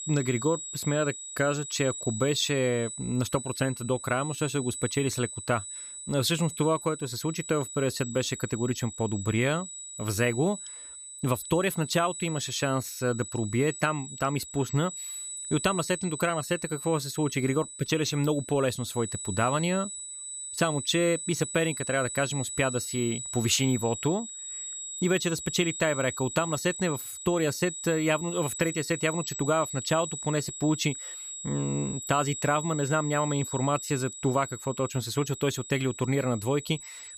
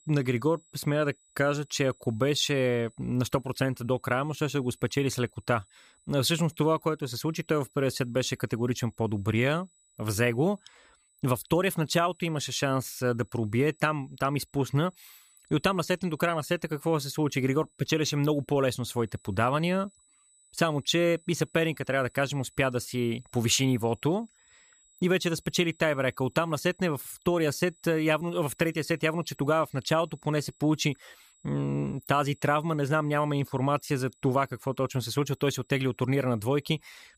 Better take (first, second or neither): second